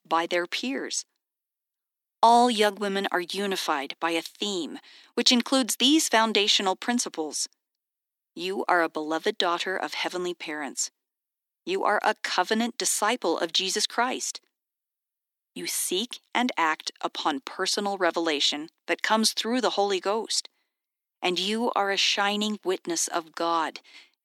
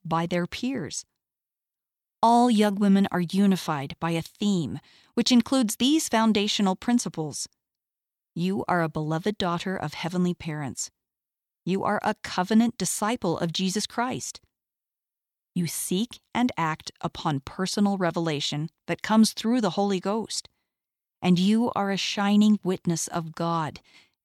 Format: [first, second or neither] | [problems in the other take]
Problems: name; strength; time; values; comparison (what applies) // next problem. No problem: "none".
second | thin; somewhat; fading below 250 Hz